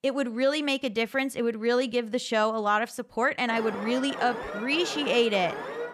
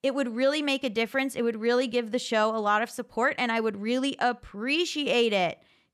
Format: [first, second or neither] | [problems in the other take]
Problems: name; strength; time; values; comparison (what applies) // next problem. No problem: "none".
second | alarm; noticeable; from 3.5 s on; peak 8 dB below the speech